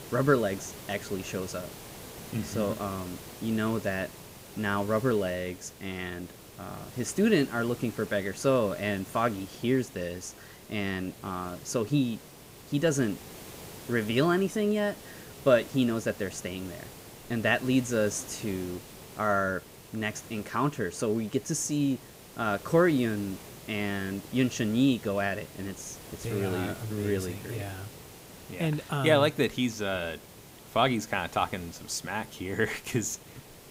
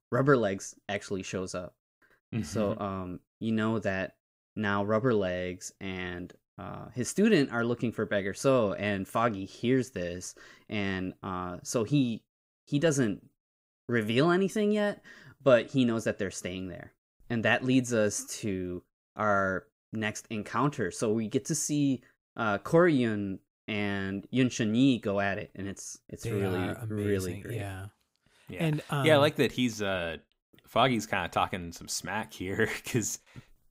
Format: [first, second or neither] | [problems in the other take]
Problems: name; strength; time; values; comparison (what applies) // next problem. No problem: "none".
second | hiss; noticeable; throughout; 15 dB below the speech